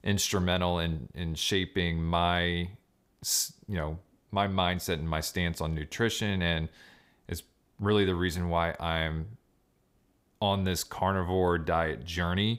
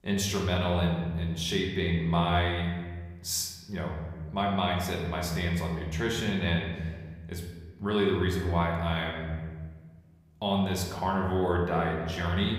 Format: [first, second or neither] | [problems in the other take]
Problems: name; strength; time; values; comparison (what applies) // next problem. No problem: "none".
first | room echo; noticeable; dies away in 1.3 s // off-mic speech; somewhat distant